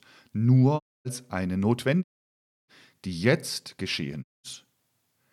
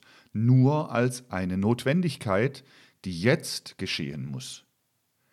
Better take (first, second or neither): second